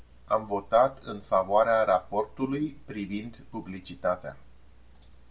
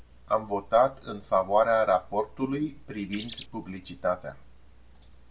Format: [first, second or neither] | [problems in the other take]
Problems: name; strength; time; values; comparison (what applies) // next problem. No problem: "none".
first | background sound (Bird); 14 dB below the speech